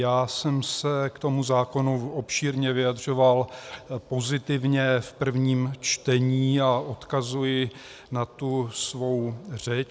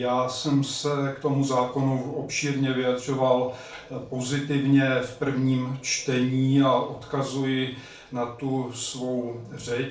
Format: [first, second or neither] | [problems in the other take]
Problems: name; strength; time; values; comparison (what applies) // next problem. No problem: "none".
first | room echo; dies away in 0.3 s